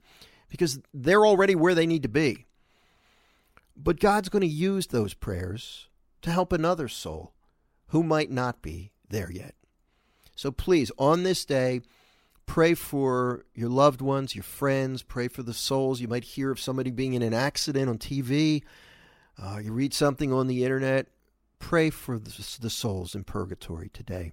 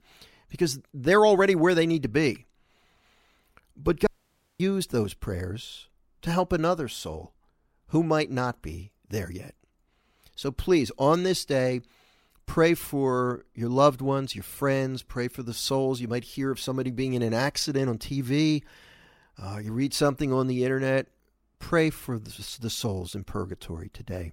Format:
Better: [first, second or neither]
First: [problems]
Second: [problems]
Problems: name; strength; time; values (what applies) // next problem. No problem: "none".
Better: first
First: none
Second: audio cutting out; at 4 s for 0.5 s